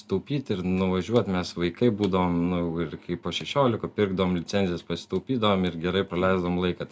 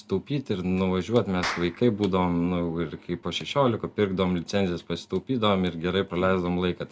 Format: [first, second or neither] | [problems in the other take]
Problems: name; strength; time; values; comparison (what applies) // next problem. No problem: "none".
first | background sound (Clapping); 15 dB below the speech